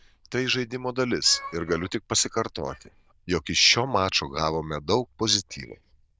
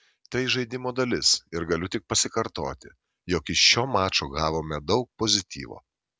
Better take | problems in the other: second | noise reduction (neural diffusion model UNIVERSE++)

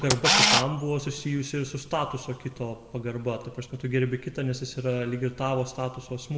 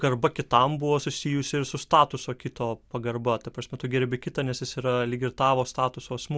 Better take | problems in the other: second | background sound (Camera); 2 dB below the speech // room echo; dies away in 1.2 s

